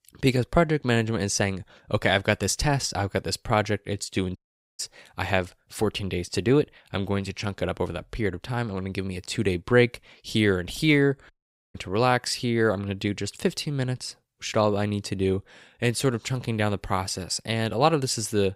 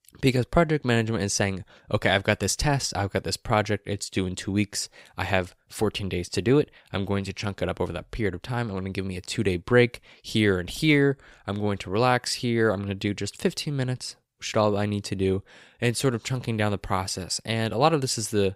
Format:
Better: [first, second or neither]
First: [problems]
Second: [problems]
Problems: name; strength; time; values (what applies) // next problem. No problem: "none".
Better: second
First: audio cutting out; at 4.5 s and at 11 s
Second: none